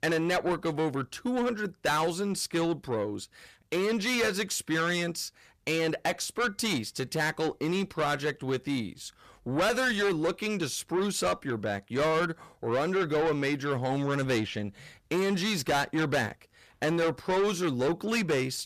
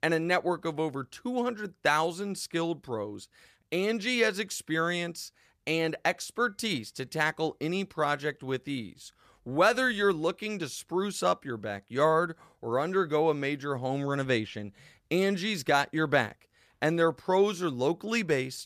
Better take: second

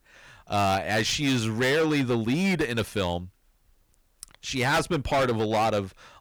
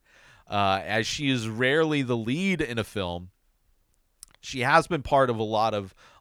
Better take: second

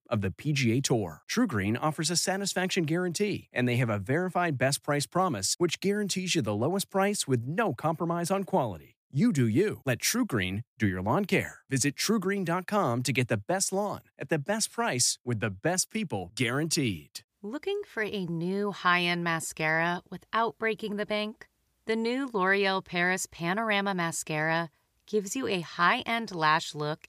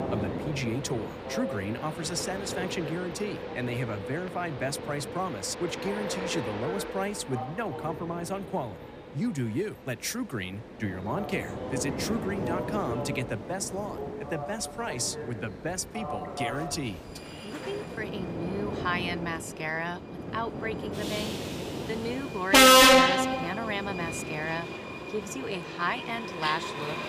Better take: first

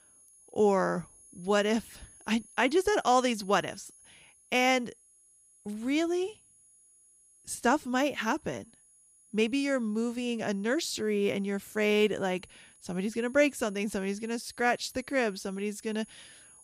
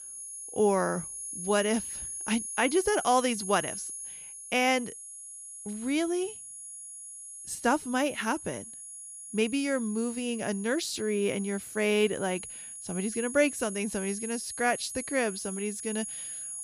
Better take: first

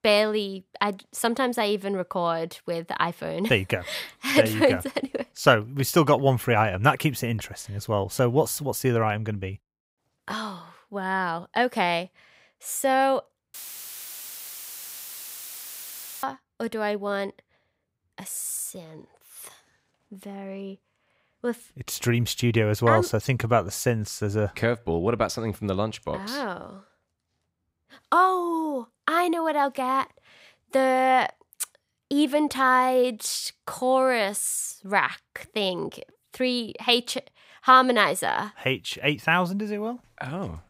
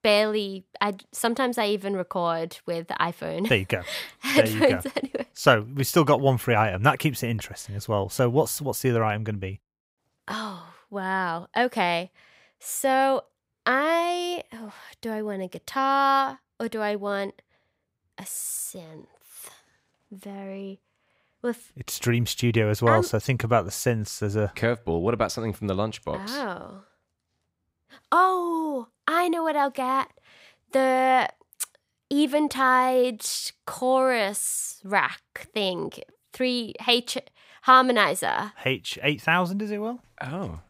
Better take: second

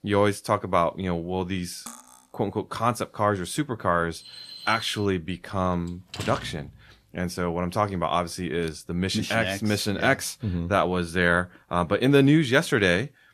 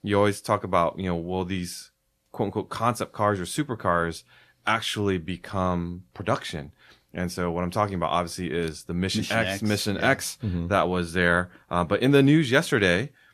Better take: second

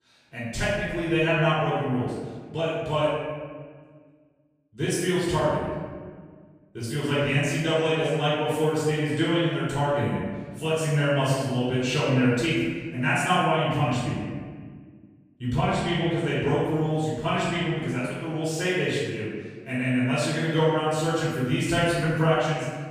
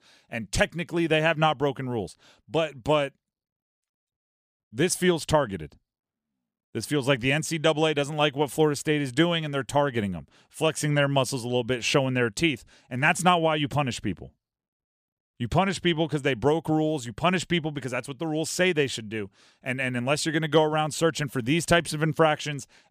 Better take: second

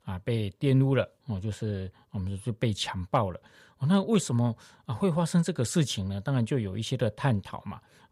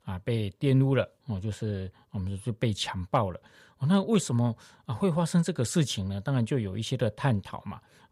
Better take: neither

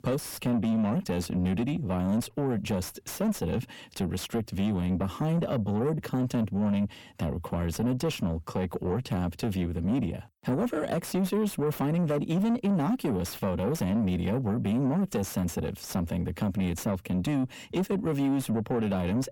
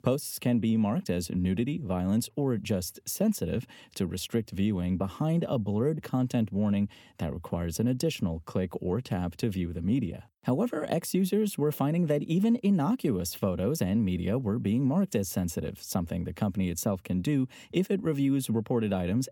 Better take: second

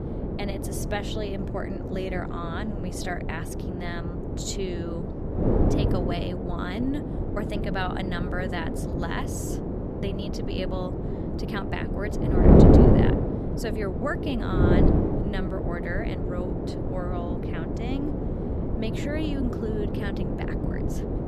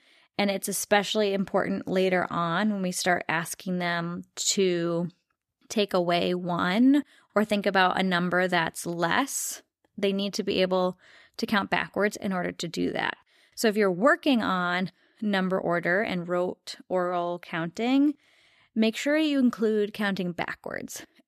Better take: second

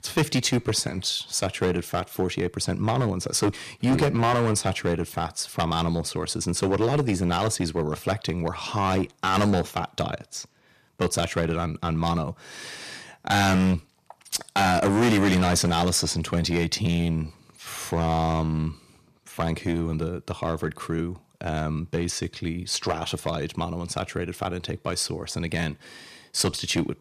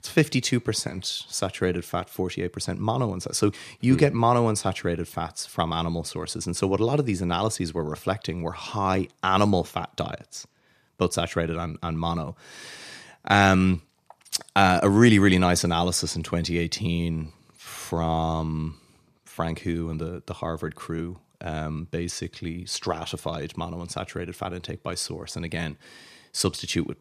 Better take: second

